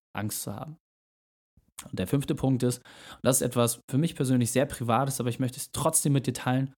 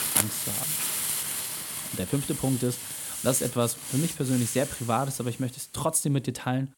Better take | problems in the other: first | hiss; loud; throughout; 2 dB below the speech

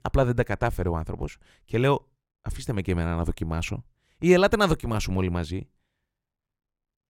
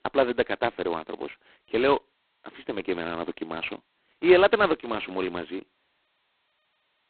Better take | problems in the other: first | phone-call audio; poor line; nothing above 4 kHz

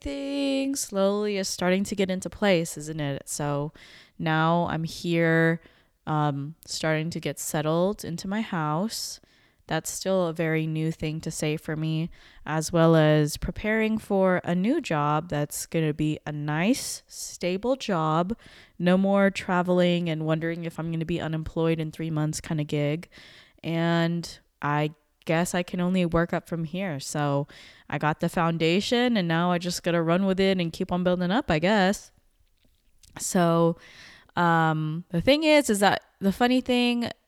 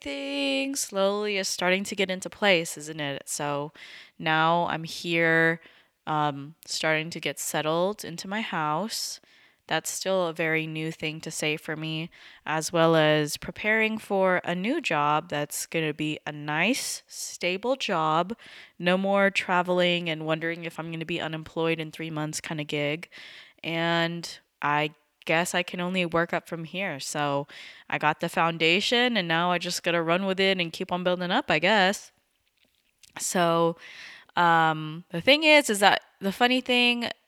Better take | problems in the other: first | thin; very slightly; fading below 350 Hz

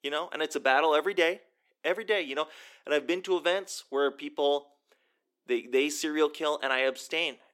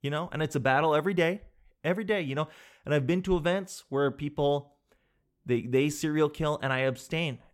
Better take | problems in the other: second | thin; somewhat; fading below 300 Hz

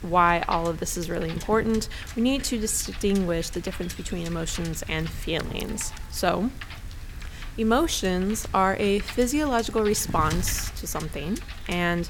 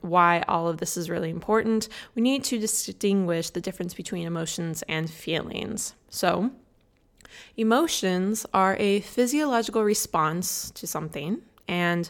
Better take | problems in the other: second | wind noise on the microphone; occasional gusts; 15 dB below the speech

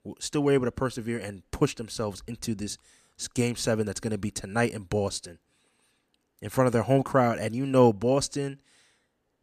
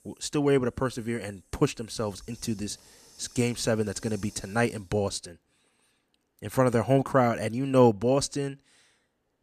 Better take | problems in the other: first | hiss; faint; until 7 s; 25 dB below the speech

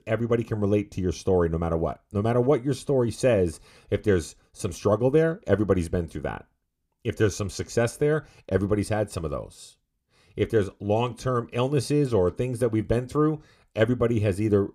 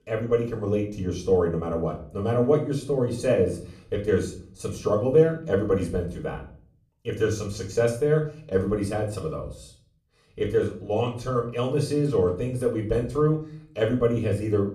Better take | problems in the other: first | room echo; slight; dies away in 0.4 s // off-mic speech; far

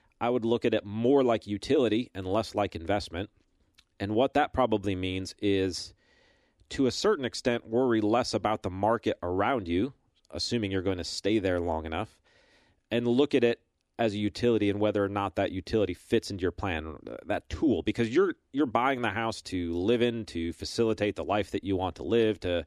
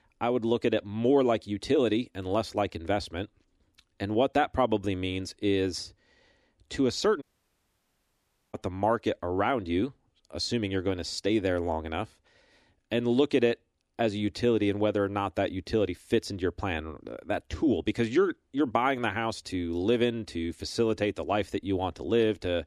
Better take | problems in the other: first | audio cutting out; at 7 s for 1.5 s

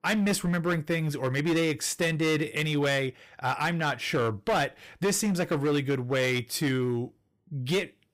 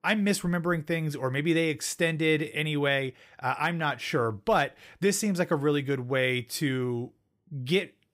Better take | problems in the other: second | distortion; slight; 12% of the sound clipped

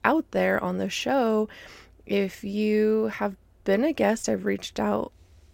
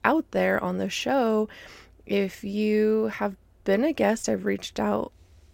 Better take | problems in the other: neither | none

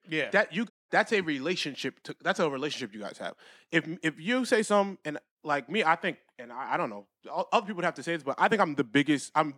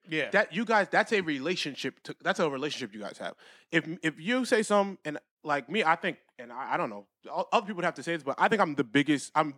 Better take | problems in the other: second | audio cutting out; at 0.5 s

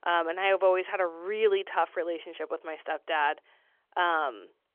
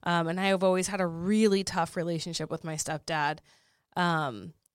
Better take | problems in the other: second | phone-call audio; nothing above 3.5 kHz

